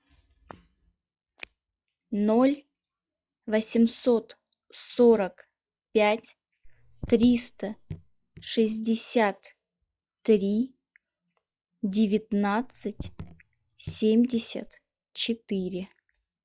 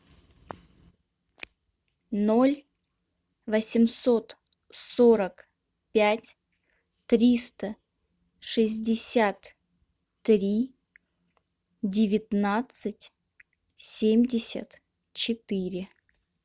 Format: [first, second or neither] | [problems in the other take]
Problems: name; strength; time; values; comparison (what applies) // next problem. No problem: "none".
second | noise reduction (classical method log-MMSE)